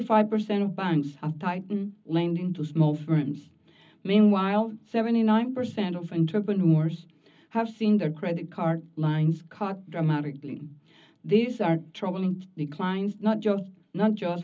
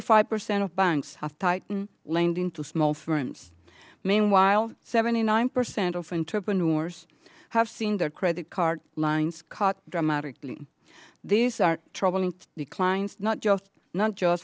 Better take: second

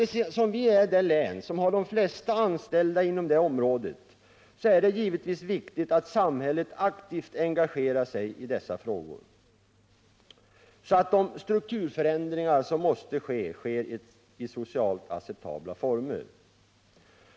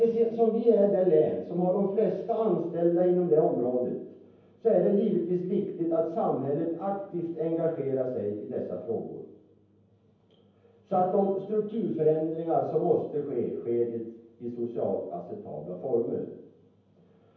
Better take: first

